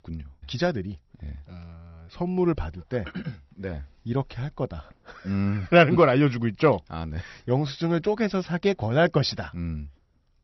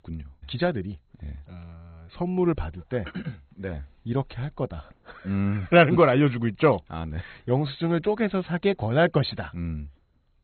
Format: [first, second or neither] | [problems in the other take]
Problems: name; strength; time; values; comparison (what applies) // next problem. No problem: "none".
first | garbled, watery; badly; nothing above 4 kHz; slightly in the first